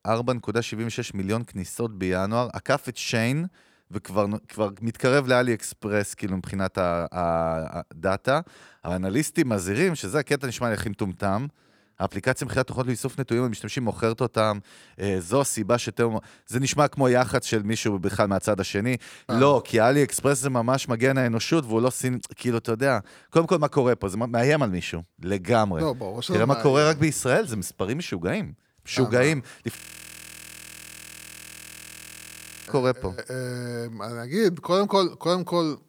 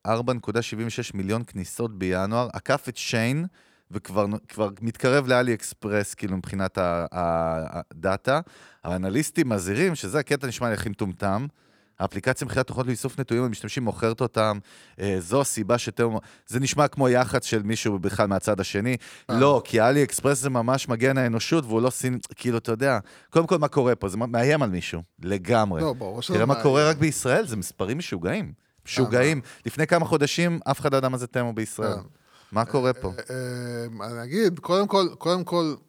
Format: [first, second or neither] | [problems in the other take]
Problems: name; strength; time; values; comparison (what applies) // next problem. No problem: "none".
second | audio freezing; at 30 s for 3 s